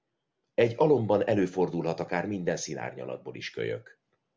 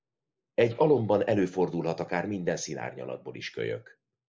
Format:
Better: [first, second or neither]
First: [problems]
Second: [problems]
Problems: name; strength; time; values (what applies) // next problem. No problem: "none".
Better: first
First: none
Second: noise reduction (neural mask model Resemble Enhance denoiser)